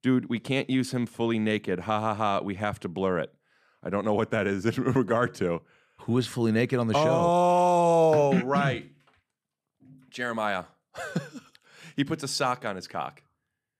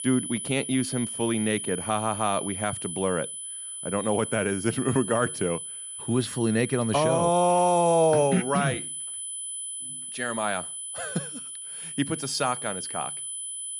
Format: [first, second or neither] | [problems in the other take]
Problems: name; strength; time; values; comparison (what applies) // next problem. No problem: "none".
first | high-pitched whine; loud; throughout; 10 kHz, 7 dB below the speech